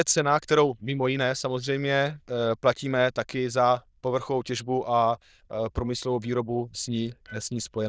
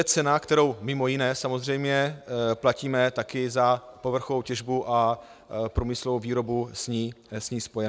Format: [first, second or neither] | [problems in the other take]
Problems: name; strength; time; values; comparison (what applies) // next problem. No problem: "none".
second | noise reduction (neural diffusion model UNIVERSE++)